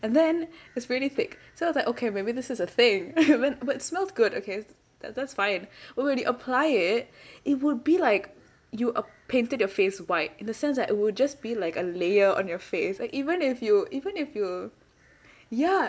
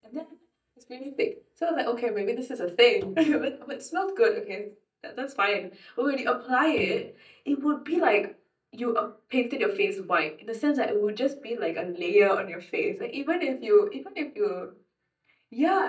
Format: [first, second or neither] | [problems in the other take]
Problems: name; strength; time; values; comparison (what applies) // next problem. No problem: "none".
first | noise reduction (neural mask model DeepFilterNet 3)